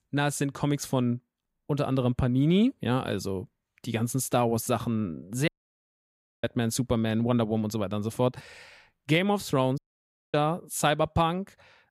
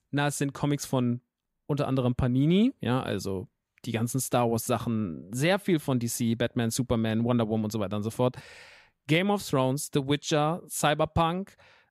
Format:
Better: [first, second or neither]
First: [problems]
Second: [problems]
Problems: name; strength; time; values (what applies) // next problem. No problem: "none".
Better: second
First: audio cutting out; at 5.5 s for 1 s and at 10 s for 0.5 s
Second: none